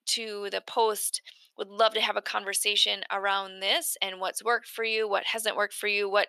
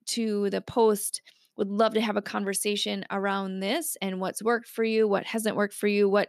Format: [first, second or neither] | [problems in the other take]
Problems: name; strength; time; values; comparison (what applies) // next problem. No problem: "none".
second | thin; very; fading below 700 Hz